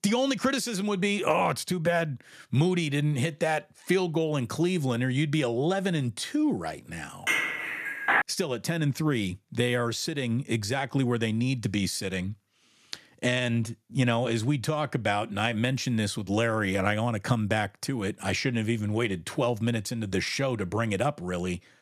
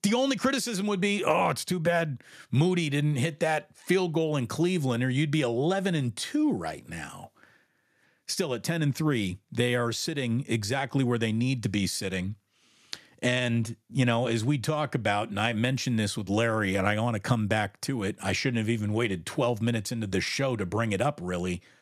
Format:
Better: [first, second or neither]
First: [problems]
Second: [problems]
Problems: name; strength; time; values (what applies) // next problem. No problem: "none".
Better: second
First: clattering dishes; loud; at 7.5 s; peak 3 dB above the speech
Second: none